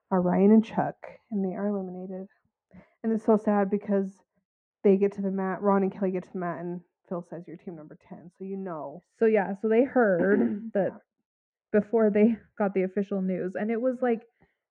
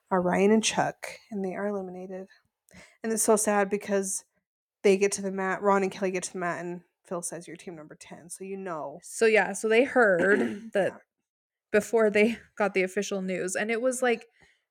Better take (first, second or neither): second